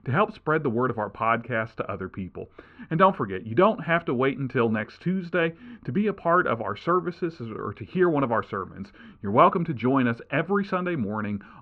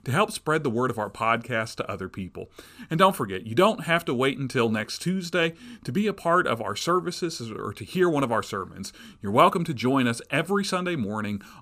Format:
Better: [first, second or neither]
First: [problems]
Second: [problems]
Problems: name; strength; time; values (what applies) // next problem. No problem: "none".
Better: second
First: muffled; very; fading above 2 kHz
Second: none